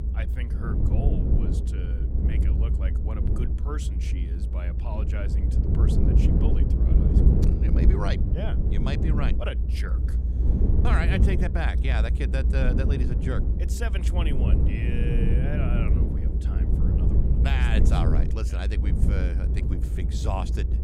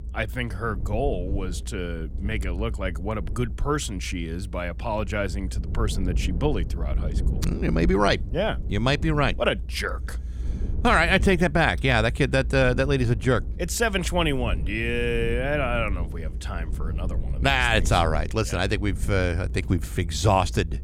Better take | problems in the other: second | low rumble; loud; throughout; 2 dB below the speech; faint in the second

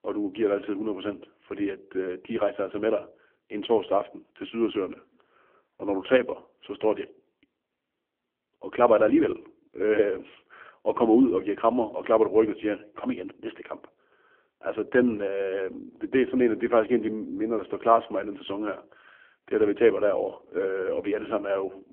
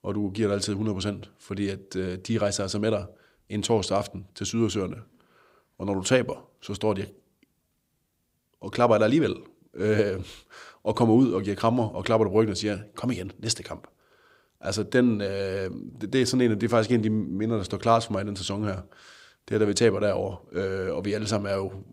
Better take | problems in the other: second | phone-call audio; poor line; nothing above 3 kHz

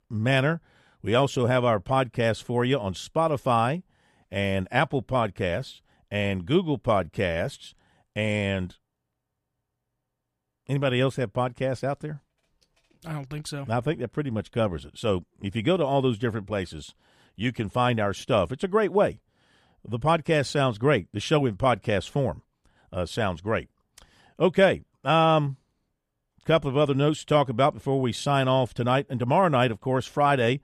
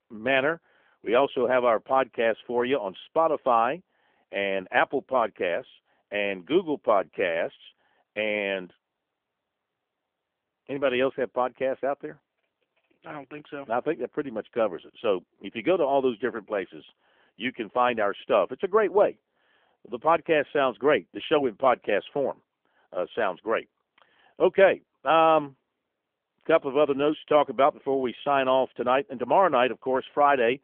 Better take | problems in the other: first | phone-call audio; nothing above 3.5 kHz

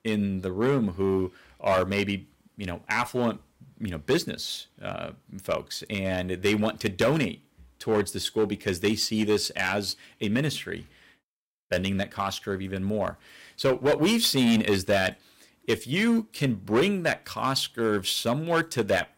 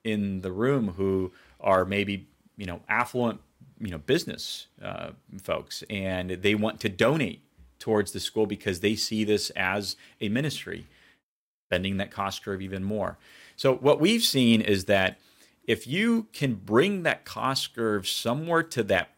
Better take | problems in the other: second | distortion; slight; 4% of the sound clipped

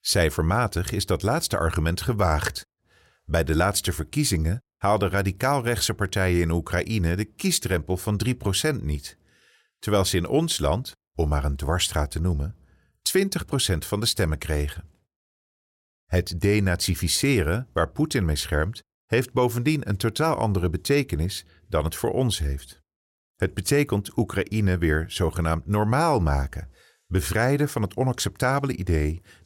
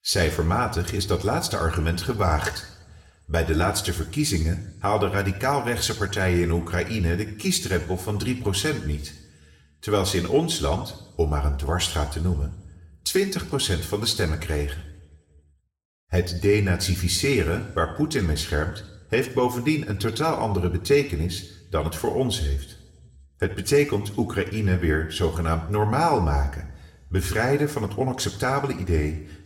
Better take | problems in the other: first | room echo; very slight; dies away in 0.7 s

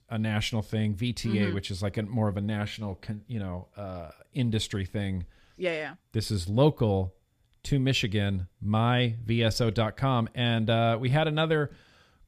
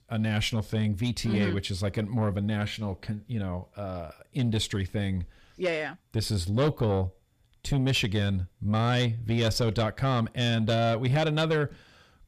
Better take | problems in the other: first | distortion; slight; 10 dB below the speech

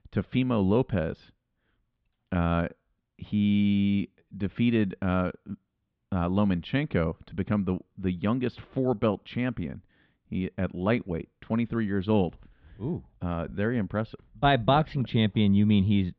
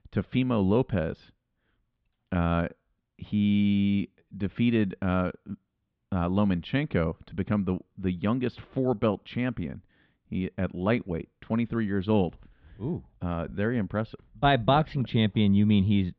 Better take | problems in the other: neither | muffled; very; fading above 3.5 kHz; the same in both

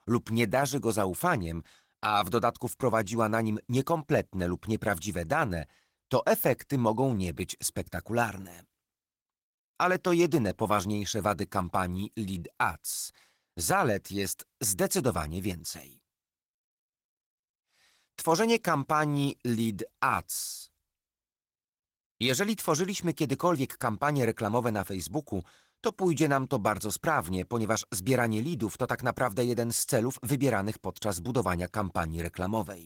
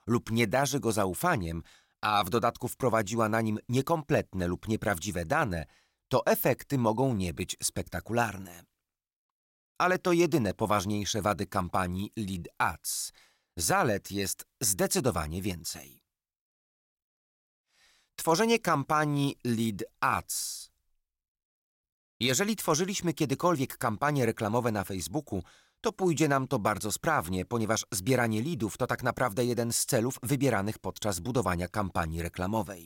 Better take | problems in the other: second | garbled, watery; slightly; nothing above 16.5 kHz

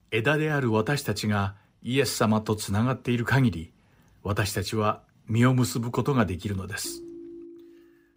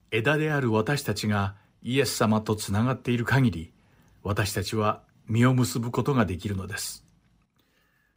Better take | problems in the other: second | phone ringing; faint; from 7 s on; peak 15 dB below the speech

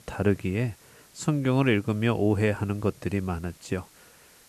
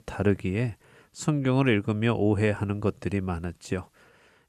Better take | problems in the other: second | hiss; faint; throughout; 25 dB below the speech

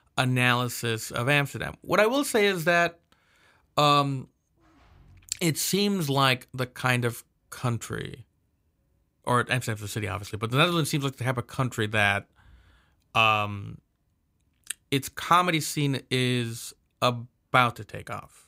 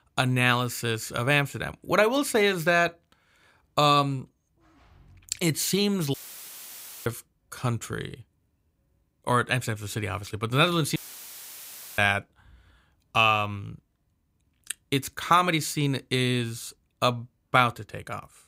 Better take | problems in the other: first | audio cutting out; filled with static; at 6 s for 1 s and at 11 s for 1 s

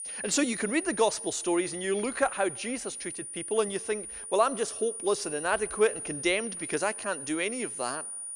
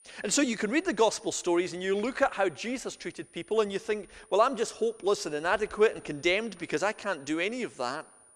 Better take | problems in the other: second | high-pitched whine; loud; throughout; 9.5 kHz, 7 dB below the speech; faint in the second

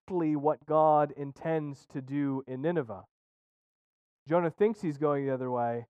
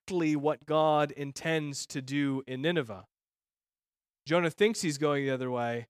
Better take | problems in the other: second | muffled; very; fading above 2 kHz

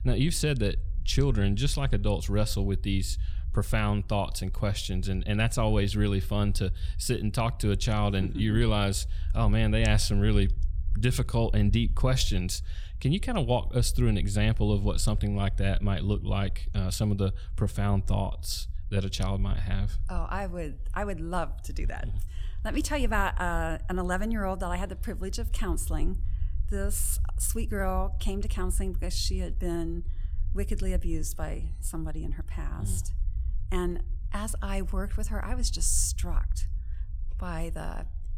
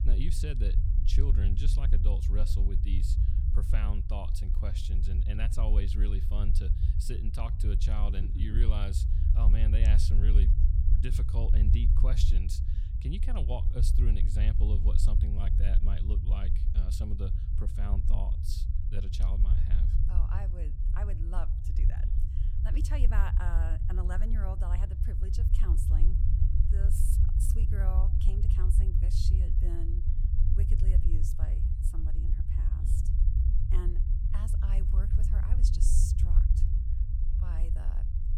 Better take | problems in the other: first | low rumble; loud; throughout; 3 dB below the speech; faint in the first

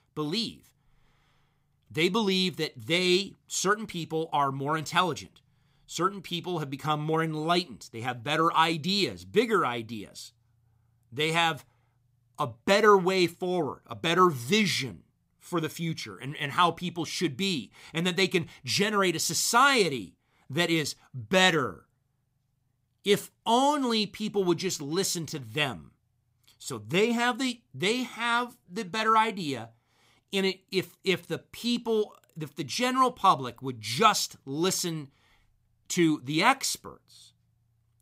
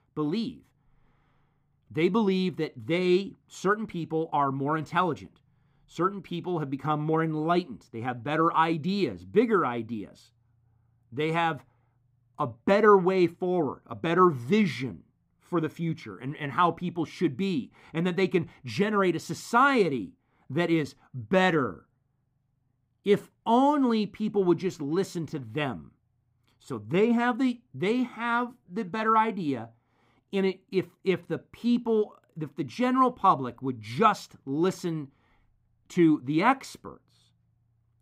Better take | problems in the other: first | muffled; slightly; fading above 2.5 kHz

